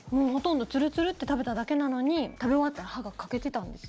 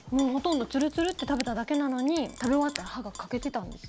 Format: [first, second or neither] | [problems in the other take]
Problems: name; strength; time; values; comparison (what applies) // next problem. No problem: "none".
first | background sound (Tap / Glass + Scissors); 16 dB below the speech